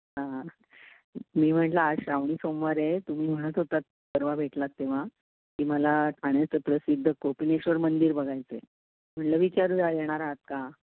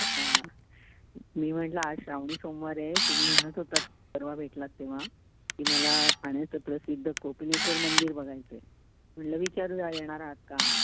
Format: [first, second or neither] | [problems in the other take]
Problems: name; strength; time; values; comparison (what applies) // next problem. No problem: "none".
first | background sound (Camera); 3 dB above the speech